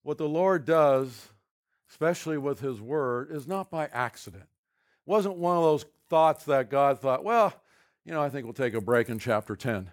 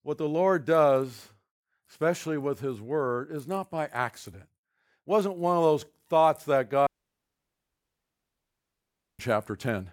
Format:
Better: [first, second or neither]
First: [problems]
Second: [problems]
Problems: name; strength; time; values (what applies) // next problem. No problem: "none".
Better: first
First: none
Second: audio cutting out; at 7 s for 2.5 s